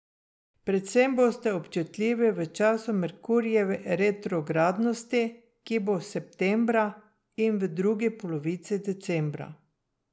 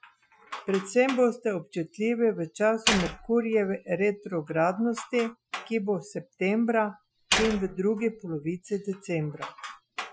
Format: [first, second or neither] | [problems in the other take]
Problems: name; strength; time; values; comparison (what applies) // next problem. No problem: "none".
first | noise reduction (classical method Wiener filter)